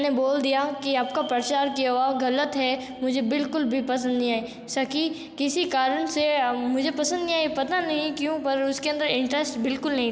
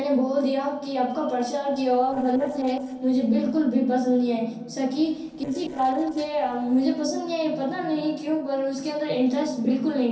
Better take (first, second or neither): first